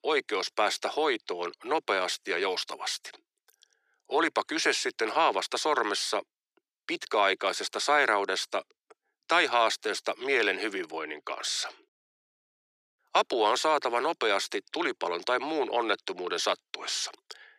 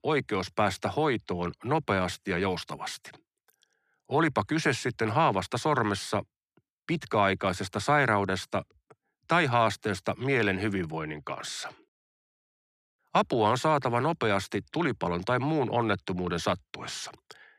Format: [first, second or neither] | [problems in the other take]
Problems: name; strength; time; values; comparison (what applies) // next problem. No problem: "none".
second | thin; very; fading below 350 Hz